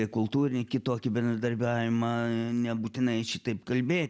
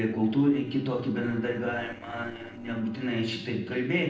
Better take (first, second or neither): first